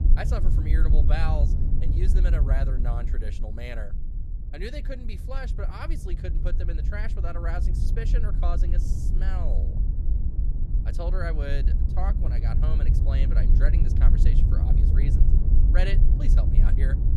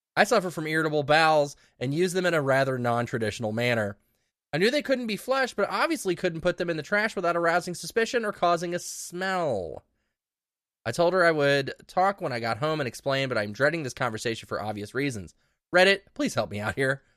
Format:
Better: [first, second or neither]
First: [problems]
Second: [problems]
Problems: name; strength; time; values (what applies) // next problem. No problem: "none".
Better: second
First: low rumble; loud; throughout; 4 dB below the speech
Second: none